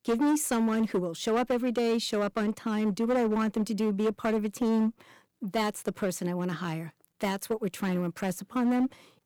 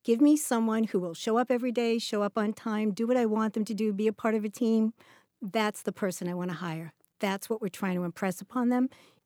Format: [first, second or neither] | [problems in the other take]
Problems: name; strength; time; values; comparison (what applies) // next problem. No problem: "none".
second | distortion; slight; 10% of the sound clipped